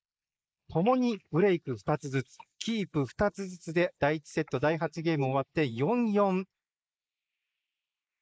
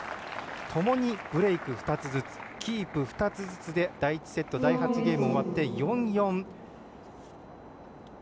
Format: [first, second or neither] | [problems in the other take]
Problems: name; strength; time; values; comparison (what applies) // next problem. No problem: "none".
second | noise reduction (neural mask model Resemble Enhance denoiser)